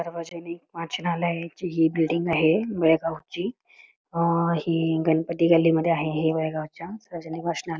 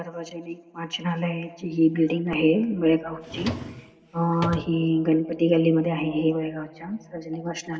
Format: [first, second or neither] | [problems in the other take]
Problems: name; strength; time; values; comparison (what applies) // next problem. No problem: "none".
first | background sound (Drawer open or close); 11 dB below the speech // room echo; dies away in 3 s